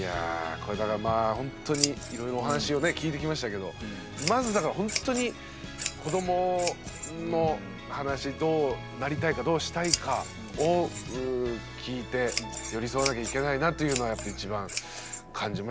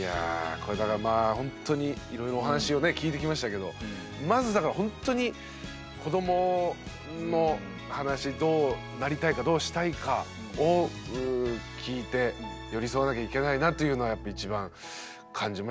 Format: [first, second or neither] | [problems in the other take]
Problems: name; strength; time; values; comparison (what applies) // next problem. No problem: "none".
second | background sound (Scissors); 9 dB below the speech